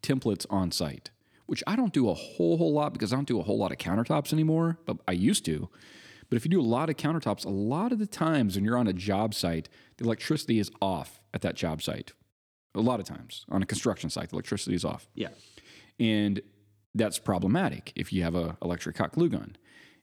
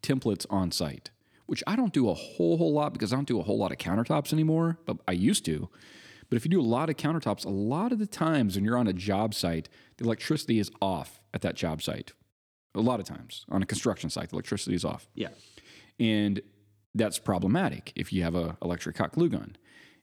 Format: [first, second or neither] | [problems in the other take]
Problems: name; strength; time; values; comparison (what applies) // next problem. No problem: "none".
neither | none